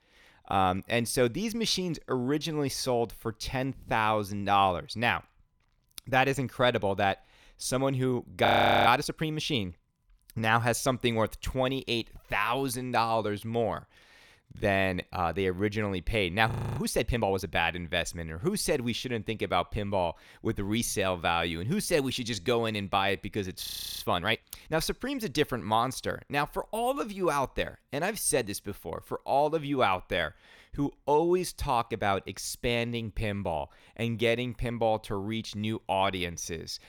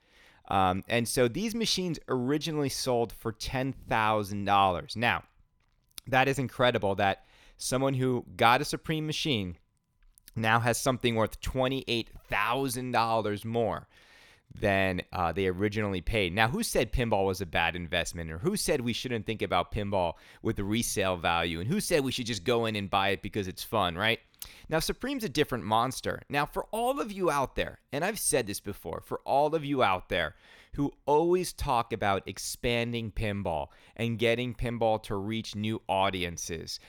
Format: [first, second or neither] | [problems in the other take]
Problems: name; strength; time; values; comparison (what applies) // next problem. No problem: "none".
second | audio freezing; at 8.5 s, at 17 s and at 24 s